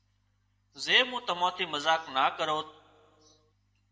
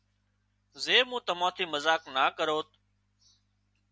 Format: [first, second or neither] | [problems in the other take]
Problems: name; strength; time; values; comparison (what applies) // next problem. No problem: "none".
second | room echo; dies away in 1.4 s